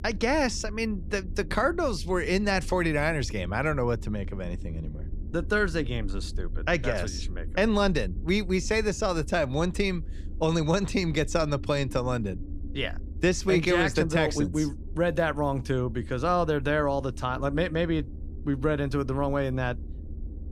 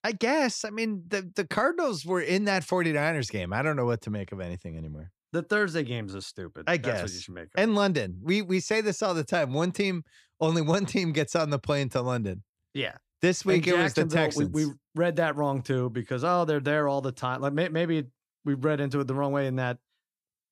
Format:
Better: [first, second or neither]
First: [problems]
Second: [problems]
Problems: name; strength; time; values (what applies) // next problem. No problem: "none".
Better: second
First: low rumble; faint; throughout; 25 dB below the speech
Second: none